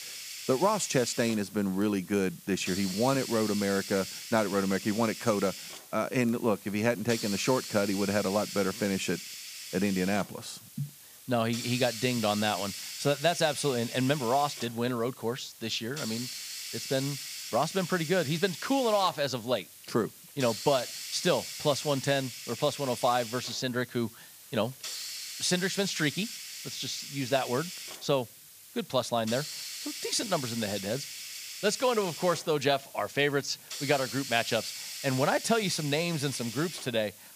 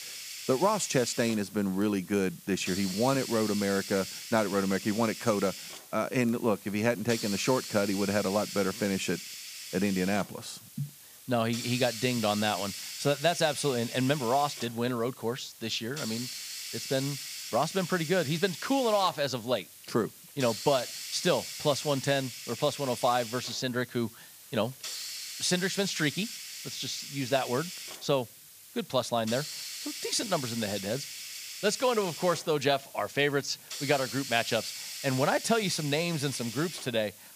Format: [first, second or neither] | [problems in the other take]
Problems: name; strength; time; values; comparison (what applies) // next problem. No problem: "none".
neither | hiss; loud; throughout; 9 dB below the speech; the same in both